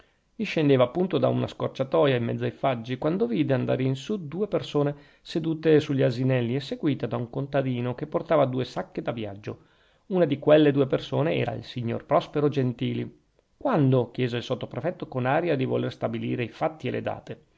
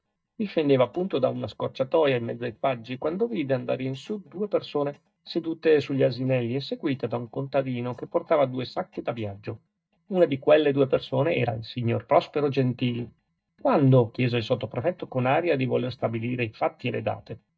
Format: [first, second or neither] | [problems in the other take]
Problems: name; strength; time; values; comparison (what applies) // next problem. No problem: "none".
first | noise reduction (neural mask model DeepFilterNet 3)